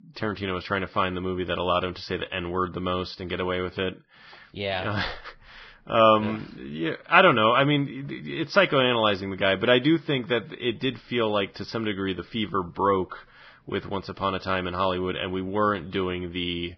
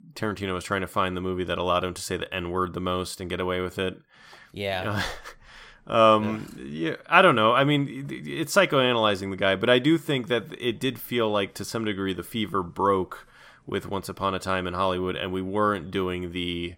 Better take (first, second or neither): second